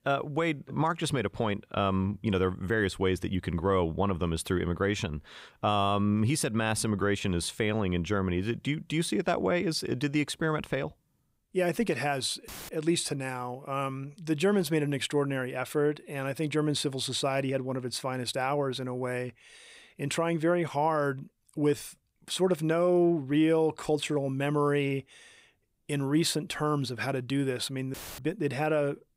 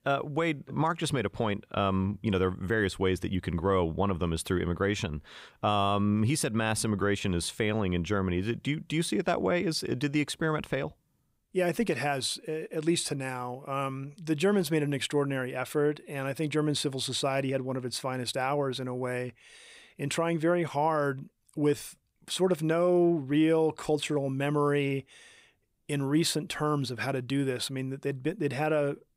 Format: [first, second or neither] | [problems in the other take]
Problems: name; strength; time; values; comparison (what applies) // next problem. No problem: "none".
second | audio cutting out; filled with static; at 12 s and at 28 s